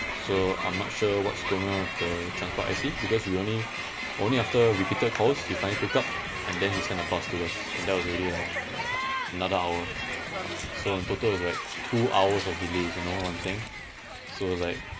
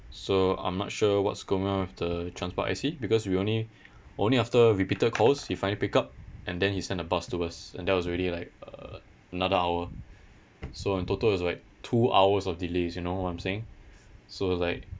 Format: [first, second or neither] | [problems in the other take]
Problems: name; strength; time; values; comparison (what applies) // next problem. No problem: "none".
second | background sound (Crowd); 4 dB below the speech